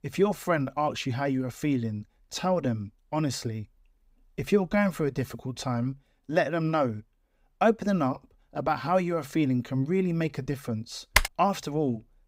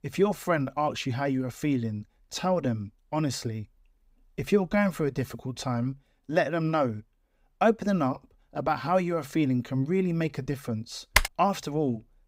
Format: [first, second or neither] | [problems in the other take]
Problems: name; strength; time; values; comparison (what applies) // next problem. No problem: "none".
neither | keyboard typing; loud; at 11 s; peak 3 dB above the speech; the same in both